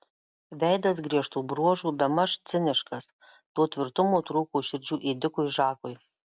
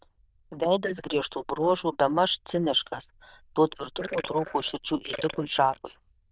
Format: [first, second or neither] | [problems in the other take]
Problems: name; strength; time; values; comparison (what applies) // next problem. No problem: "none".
first | noise reduction (neural diffusion model UNIVERSE++)